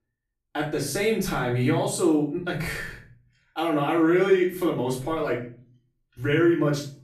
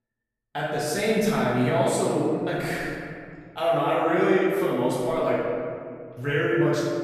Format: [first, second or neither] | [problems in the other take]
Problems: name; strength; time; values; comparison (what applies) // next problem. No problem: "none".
first | room echo; strong; dies away in 2.1 s; slight in the first // off-mic speech; far; far in the first